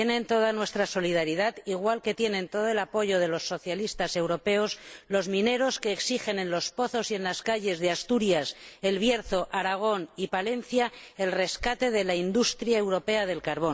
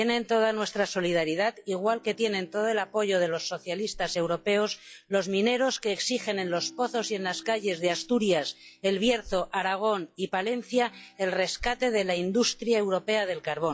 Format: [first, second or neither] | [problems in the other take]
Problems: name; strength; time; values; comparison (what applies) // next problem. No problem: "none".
first | noise reduction (classical method log-MMSE)